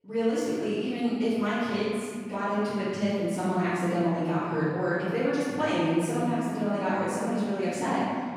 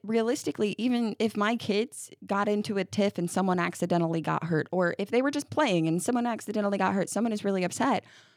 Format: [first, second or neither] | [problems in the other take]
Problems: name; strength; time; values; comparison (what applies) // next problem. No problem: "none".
second | off-mic speech; far // room echo; strong; dies away in 2 s